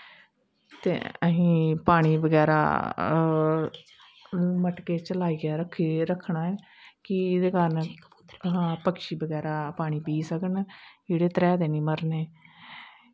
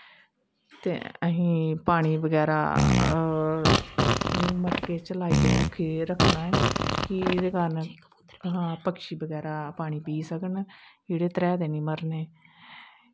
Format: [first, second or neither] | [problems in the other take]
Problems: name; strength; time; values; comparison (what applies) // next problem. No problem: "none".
first | background sound (Fart); 3 dB above the speech